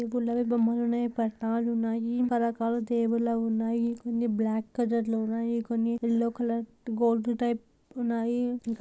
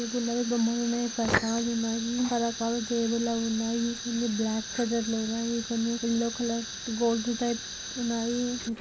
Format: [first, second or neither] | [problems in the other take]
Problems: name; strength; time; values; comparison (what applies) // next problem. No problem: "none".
first | background sound (Fire); 8 dB below the speech